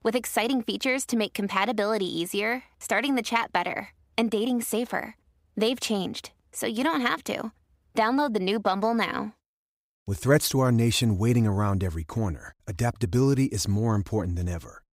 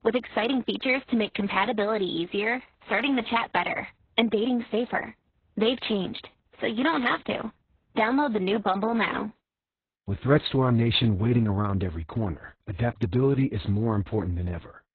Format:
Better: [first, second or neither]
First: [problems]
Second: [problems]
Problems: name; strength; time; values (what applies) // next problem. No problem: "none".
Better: first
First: none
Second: garbled, watery; badly; nothing above 4 kHz